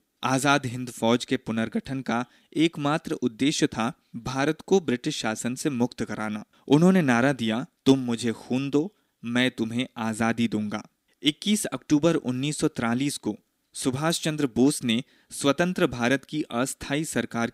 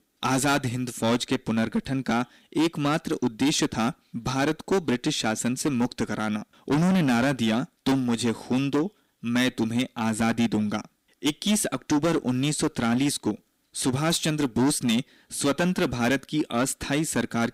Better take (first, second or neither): first